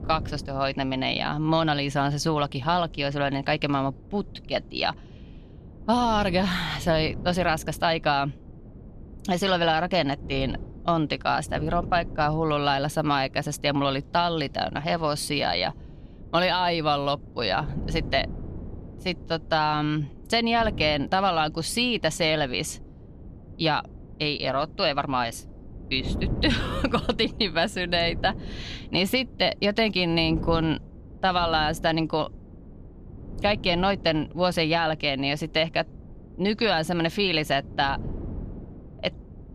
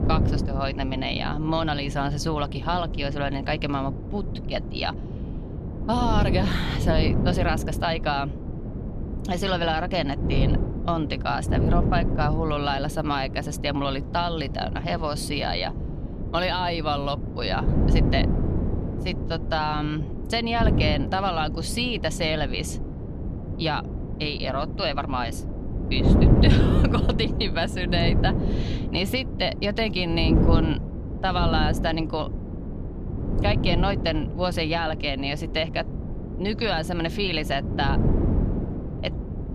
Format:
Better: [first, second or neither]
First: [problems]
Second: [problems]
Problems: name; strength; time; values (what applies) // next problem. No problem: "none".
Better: first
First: wind noise on the microphone; occasional gusts; 25 dB below the speech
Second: wind noise on the microphone; heavy; 8 dB below the speech